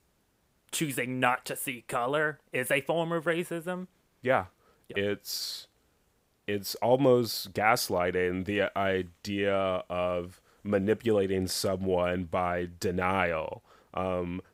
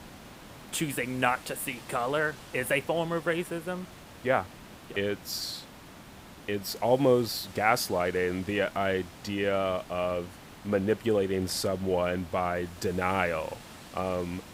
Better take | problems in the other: first | hiss; noticeable; throughout; 20 dB below the speech

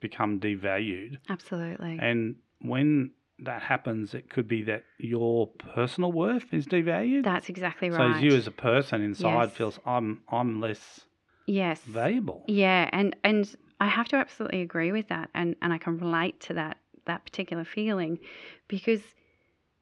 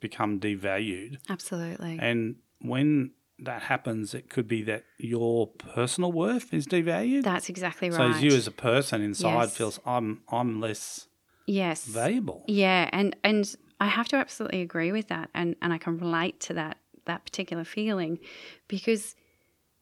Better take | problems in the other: second | muffled; slightly; fading above 2.5 kHz

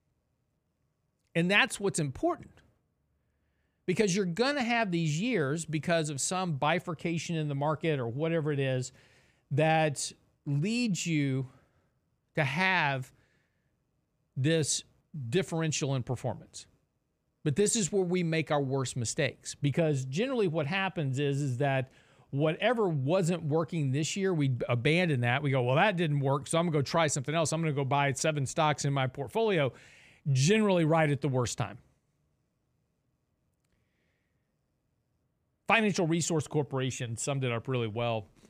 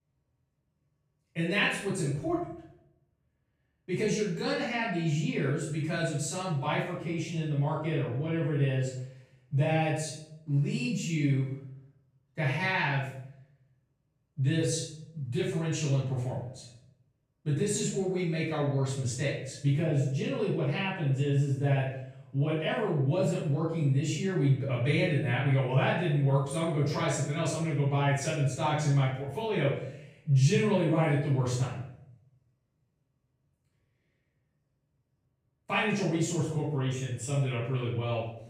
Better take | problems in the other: first | off-mic speech; far // room echo; noticeable; dies away in 0.6 s

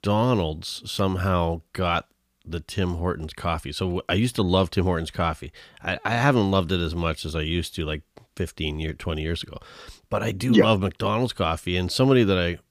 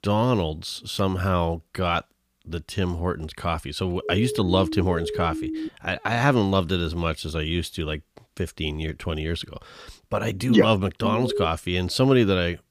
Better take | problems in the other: first | siren; noticeable; from 4 to 5.5 s; peak 6 dB below the speech // alarm; noticeable; at 11 s; peak 3 dB below the speech

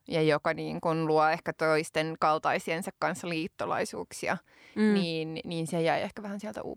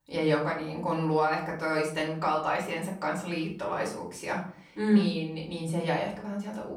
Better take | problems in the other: first | off-mic speech; far // room echo; slight; dies away in 0.4 s

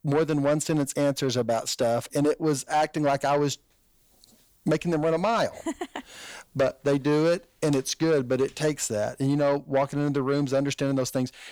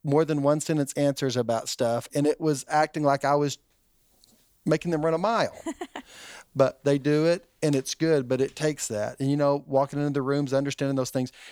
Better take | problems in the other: second | distortion; slight; 10 dB below the speech

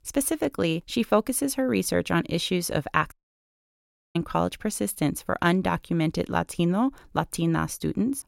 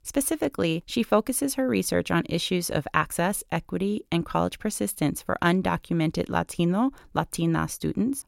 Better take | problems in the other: second | audio cutting out; at 3 s for 1 s

